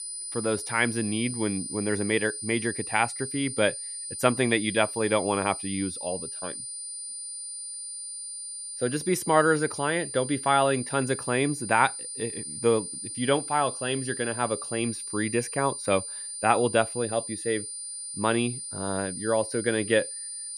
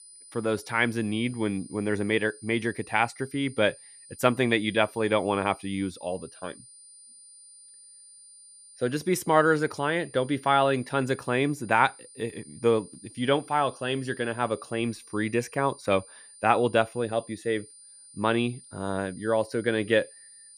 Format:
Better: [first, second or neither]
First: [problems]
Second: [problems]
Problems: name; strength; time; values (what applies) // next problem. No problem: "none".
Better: second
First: high-pitched whine; loud; throughout; 9 kHz, 7 dB below the speech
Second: high-pitched whine; faint; throughout; 9 kHz, 20 dB below the speech